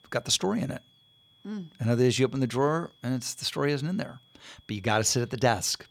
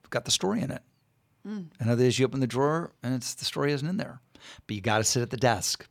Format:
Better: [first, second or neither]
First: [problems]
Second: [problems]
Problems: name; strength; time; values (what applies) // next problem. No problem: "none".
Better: second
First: high-pitched whine; faint; throughout; 3.5 kHz, 30 dB below the speech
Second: none